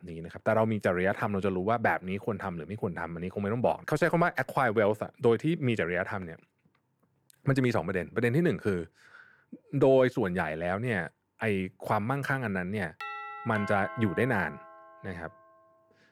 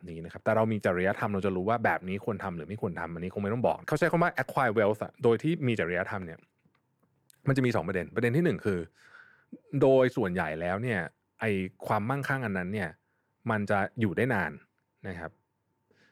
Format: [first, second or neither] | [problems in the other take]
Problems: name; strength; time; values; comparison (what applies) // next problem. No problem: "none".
second | doorbell; noticeable; from 13 to 15 s; peak 9 dB below the speech